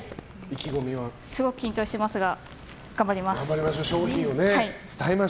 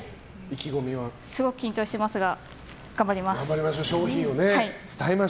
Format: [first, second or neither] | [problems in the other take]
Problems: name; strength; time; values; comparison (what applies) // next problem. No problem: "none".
second | background sound (Crumpling, crinkling); 17 dB below the speech